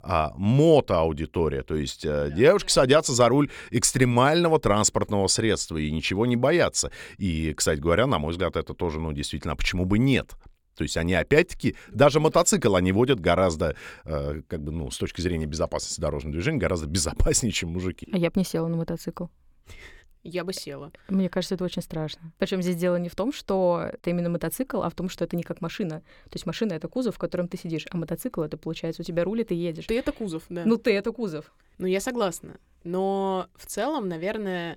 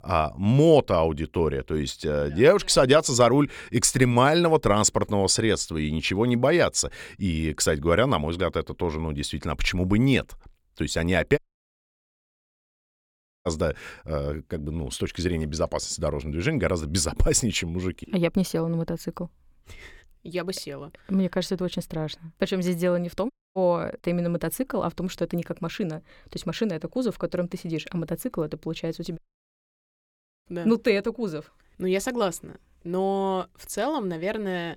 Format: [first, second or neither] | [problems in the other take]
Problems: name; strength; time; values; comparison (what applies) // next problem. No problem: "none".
first | audio cutting out; at 11 s for 2 s, at 23 s and at 29 s for 1.5 s